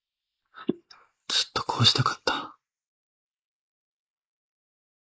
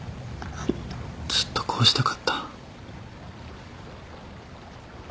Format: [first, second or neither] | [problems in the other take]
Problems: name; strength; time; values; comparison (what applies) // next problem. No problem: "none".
second | noise reduction (neural mask model Resemble Enhance denoiser)